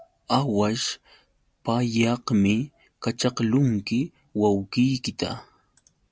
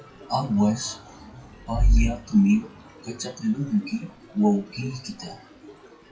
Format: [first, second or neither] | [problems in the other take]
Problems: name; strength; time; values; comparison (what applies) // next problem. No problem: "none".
first | noise reduction (classical method WPE with log-MMSE)